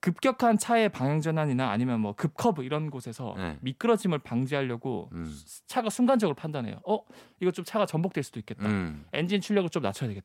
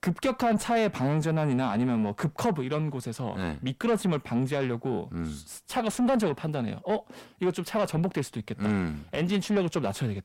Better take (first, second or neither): first